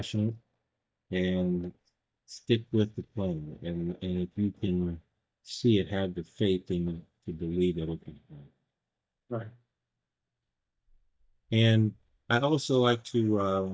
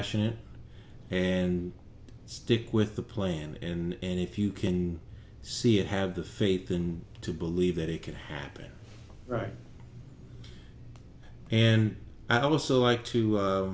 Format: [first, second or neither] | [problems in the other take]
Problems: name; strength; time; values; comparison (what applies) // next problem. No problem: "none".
second | noise reduction (neural mask model DeepFilterNet 3)